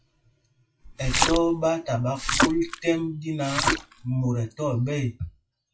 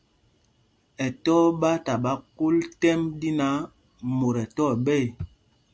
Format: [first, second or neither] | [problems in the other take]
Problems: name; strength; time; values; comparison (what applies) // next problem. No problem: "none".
second | noise reduction (classical method WPE with log-MMSE)